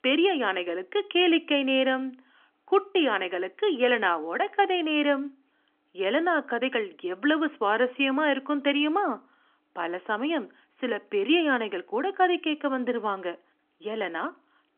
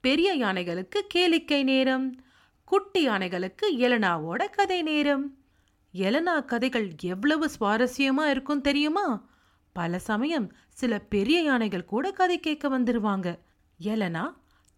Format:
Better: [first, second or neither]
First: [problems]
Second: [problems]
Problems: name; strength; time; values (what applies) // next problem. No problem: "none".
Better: second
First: phone-call audio; nothing above 3.5 kHz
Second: none